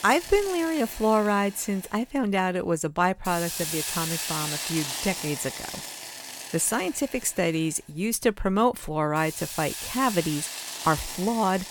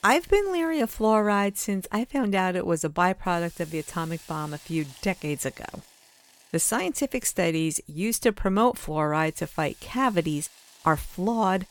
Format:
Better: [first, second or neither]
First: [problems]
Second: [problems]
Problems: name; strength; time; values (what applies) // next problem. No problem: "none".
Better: second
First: hiss; loud; throughout; 6 dB below the speech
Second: hiss; faint; throughout; 25 dB below the speech